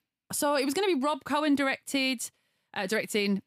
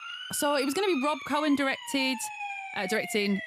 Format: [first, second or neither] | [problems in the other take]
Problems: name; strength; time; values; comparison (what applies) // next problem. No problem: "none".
first | siren; noticeable; peak 7 dB below the speech